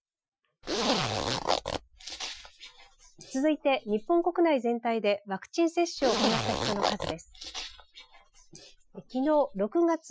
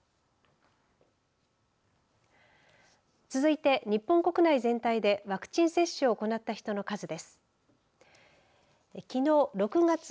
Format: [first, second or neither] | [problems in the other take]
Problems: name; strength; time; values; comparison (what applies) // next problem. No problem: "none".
second | noise reduction (classical method Wiener filter)